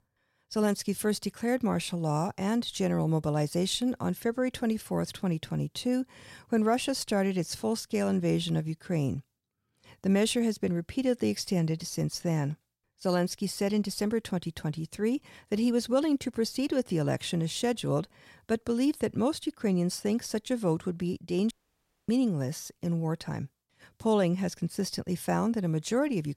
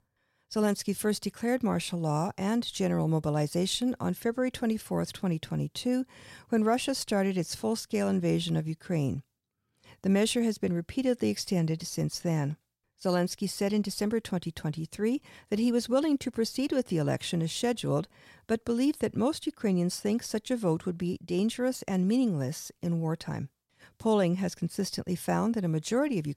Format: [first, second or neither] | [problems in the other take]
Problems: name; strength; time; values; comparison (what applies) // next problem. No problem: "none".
second | audio cutting out; at 22 s for 0.5 s